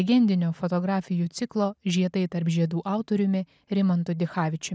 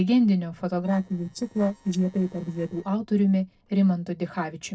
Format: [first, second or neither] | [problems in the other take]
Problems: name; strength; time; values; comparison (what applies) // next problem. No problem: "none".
first | noise reduction (neural separator model SepFormer DNS4)